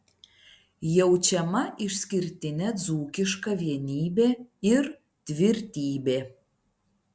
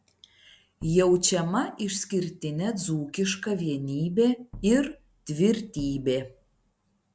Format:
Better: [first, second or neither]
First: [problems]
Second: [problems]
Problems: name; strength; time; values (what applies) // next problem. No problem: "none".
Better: first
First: none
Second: background sound (Bass drum); 20 dB below the speech